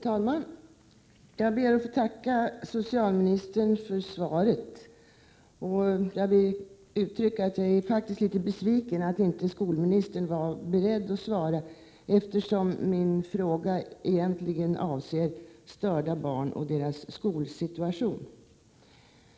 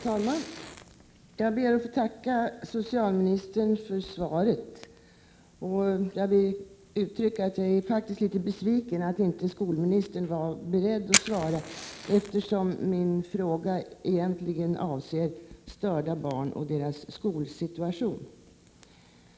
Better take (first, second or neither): first